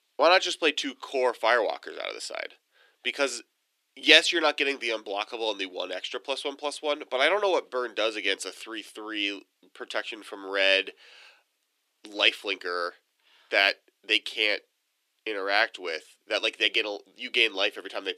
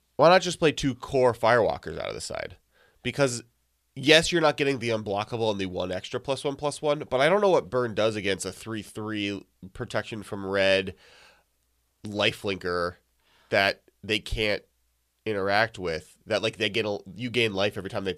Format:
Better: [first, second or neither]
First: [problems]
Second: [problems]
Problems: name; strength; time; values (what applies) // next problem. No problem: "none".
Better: second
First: thin; somewhat; fading below 300 Hz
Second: none